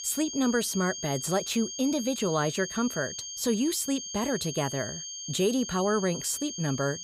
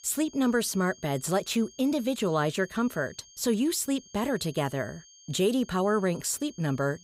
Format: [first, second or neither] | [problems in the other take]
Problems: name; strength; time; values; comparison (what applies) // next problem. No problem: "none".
second | high-pitched whine; loud; throughout; 6.5 kHz, 7 dB below the speech; faint in the second